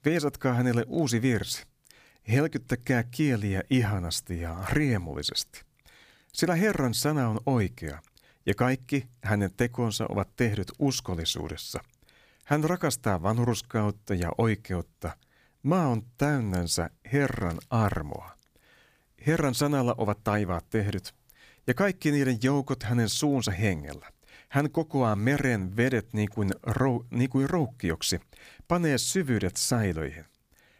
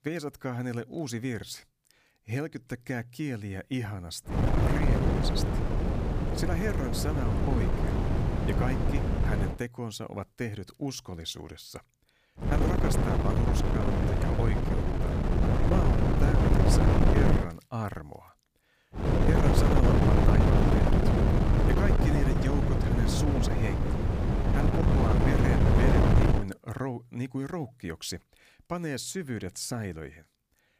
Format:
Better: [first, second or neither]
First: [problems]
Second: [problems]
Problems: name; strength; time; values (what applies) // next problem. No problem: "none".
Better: first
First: none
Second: wind noise on the microphone; heavy; from 4.5 to 9.5 s, from 12 to 17 s and from 19 to 26 s; 5 dB above the speech